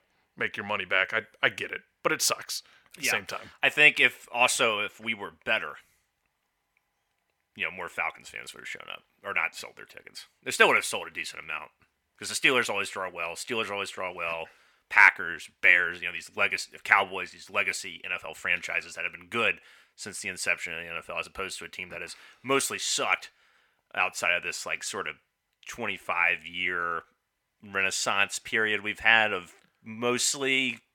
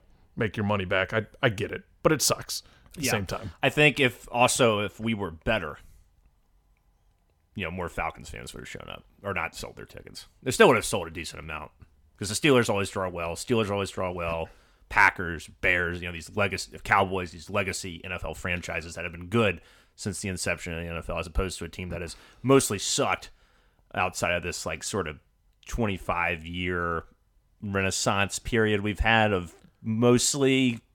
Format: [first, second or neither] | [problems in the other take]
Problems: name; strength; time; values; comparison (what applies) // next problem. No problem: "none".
second | thin; somewhat; fading below 700 Hz